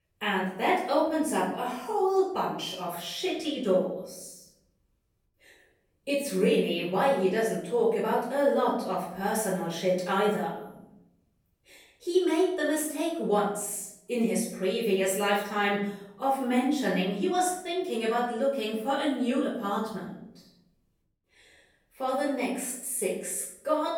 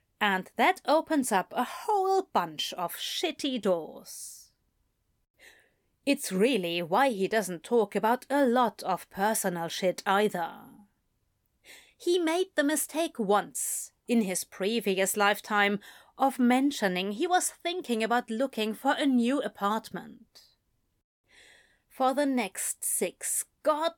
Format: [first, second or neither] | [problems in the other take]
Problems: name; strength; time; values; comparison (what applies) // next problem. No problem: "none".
second | room echo; noticeable; dies away in 0.7 s // off-mic speech; far